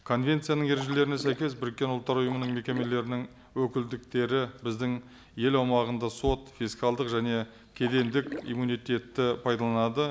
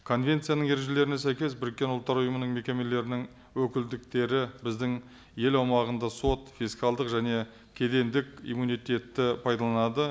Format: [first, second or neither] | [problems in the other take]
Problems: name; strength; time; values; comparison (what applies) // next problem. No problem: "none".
second | background sound (Splash, splatter); 14 dB below the speech